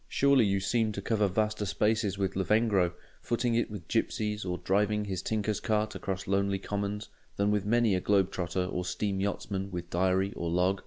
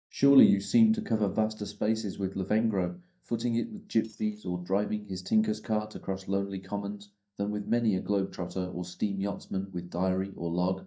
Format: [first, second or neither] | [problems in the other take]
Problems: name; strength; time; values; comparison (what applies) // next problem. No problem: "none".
first | noise reduction (neural mask model DeepFilterNet 3)